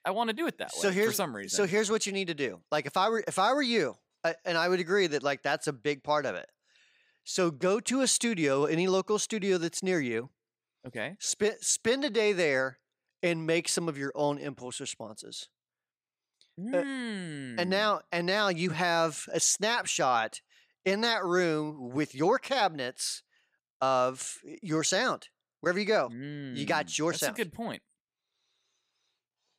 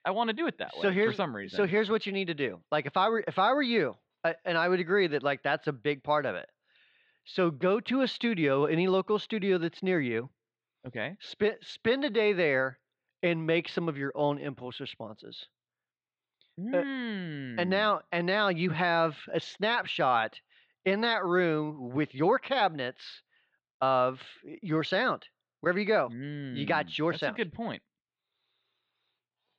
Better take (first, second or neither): first